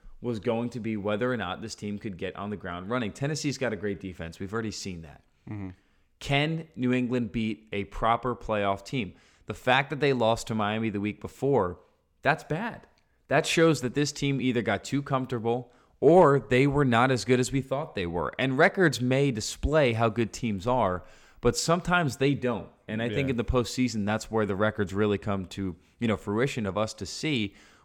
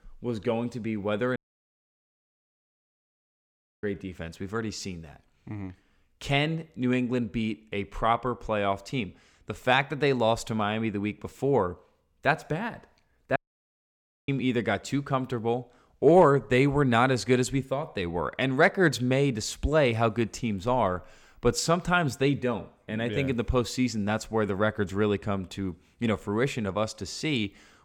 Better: first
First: none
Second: audio cutting out; at 1.5 s for 2.5 s and at 13 s for 1 s

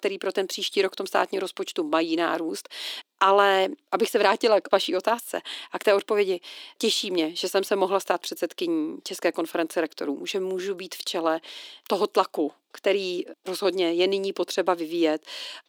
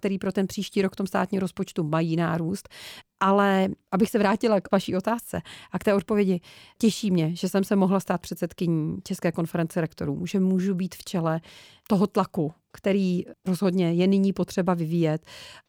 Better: second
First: thin; very; fading below 300 Hz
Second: none

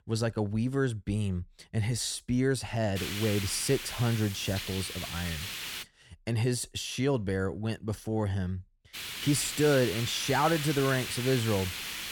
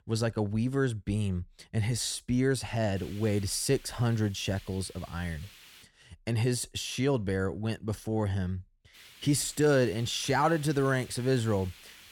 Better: second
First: hiss; loud; from 3 to 6 s and from 9 s on; 6 dB below the speech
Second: hiss; faint; from 3 to 6 s and from 9 s on; 20 dB below the speech

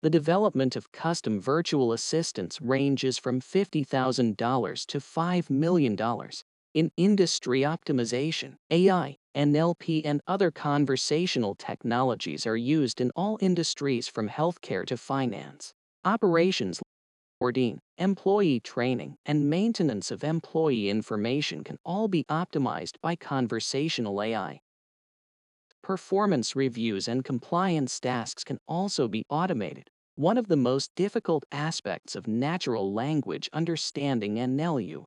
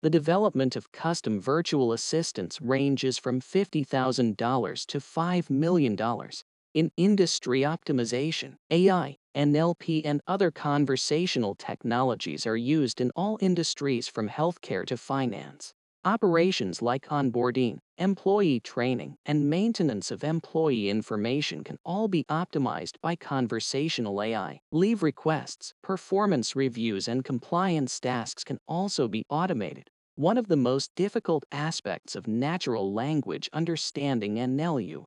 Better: second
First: audio cutting out; at 17 s for 0.5 s and at 25 s for 1 s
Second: none

